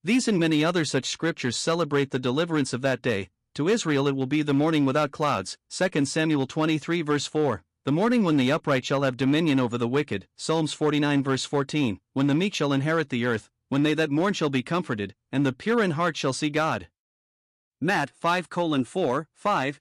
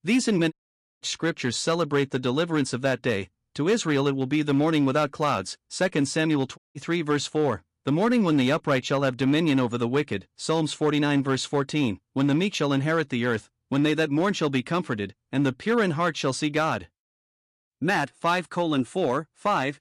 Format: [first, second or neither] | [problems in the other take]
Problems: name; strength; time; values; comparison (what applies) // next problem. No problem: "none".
first | audio cutting out; at 0.5 s and at 6.5 s